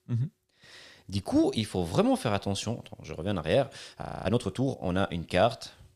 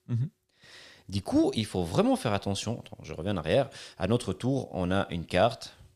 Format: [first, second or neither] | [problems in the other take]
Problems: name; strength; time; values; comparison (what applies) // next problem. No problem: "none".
second | audio freezing; at 4 s